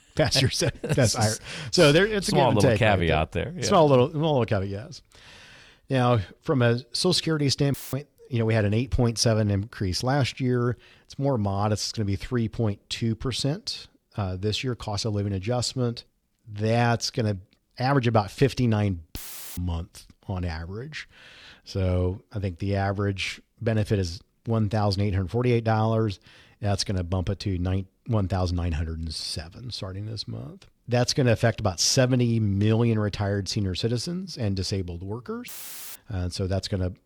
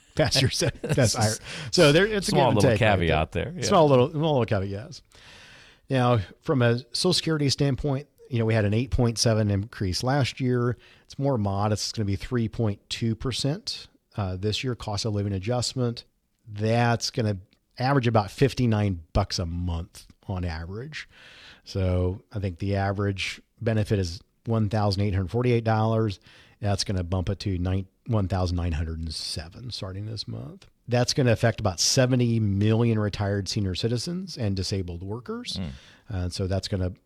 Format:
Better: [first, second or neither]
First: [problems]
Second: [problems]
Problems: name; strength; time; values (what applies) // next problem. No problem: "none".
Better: second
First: audio cutting out; filled with static; at 7.5 s, at 19 s and at 35 s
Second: none